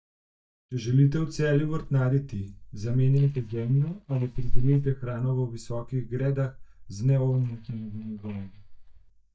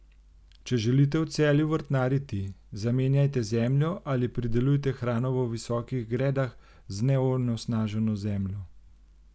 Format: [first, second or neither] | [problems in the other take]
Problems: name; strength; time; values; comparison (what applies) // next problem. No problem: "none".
second | noise reduction (neural mask model DeepFilterNet 3)